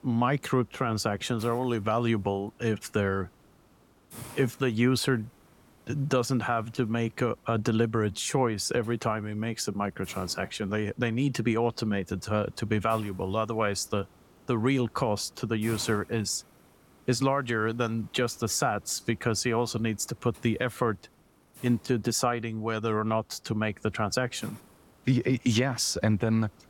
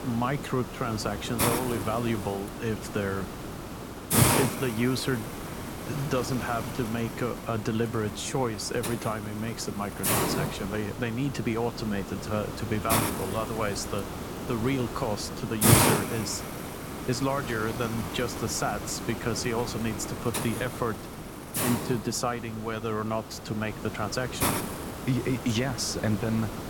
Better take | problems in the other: first | hiss; loud; throughout; as loud as the speech; faint in the first

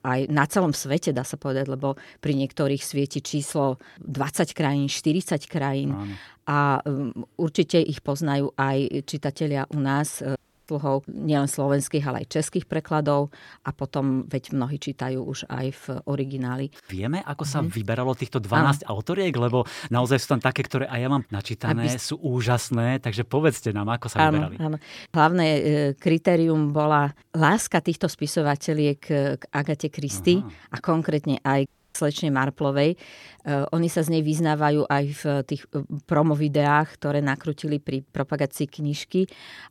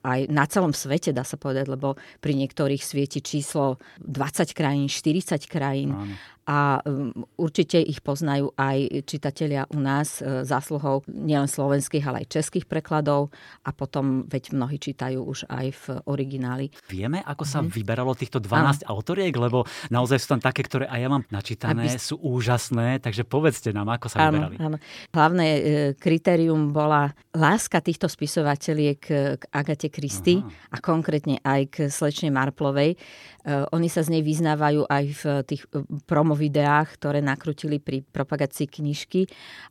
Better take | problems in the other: second | audio cutting out; at 10 s and at 32 s

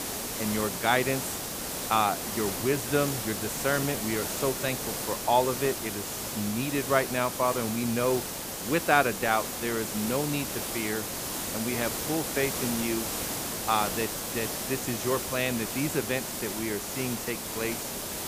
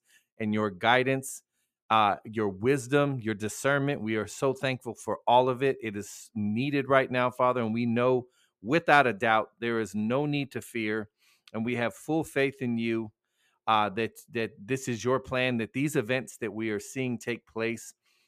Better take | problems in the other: second | hiss; loud; throughout; 2 dB below the speech

